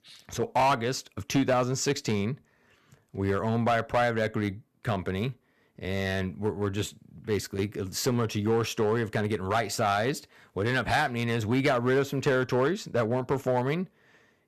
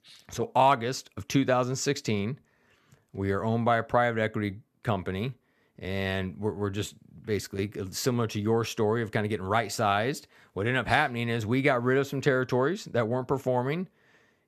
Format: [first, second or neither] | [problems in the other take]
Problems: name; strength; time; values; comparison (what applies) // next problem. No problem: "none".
second | distortion; slight; 4% of the sound clipped